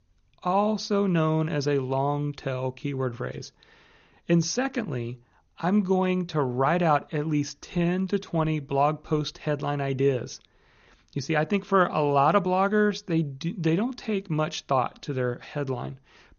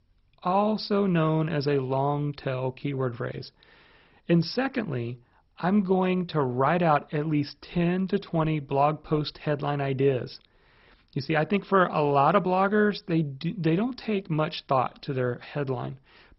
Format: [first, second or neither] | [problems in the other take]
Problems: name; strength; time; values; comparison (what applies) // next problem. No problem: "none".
first | garbled, watery; badly; nothing above 5.5 kHz; slightly in the first